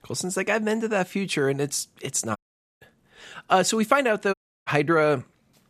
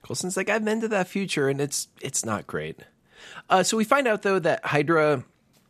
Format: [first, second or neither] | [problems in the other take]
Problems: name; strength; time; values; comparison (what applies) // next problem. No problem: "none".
second | audio cutting out; at 2.5 s and at 4.5 s